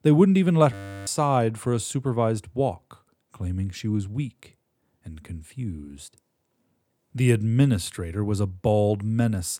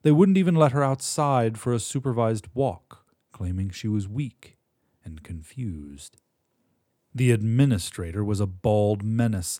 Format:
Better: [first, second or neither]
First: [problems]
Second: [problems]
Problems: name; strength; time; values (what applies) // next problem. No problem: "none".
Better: second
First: audio freezing; at 0.5 s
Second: none